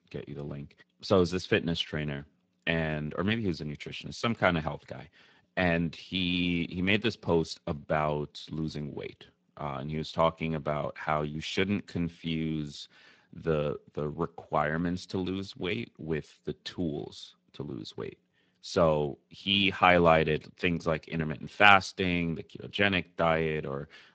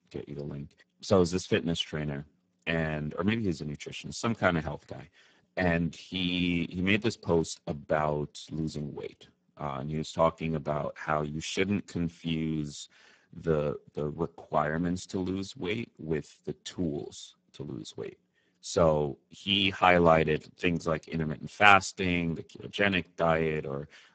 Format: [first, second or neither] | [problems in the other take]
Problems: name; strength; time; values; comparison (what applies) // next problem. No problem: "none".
first | garbled, watery; badly; nothing above 8 kHz; slightly in the first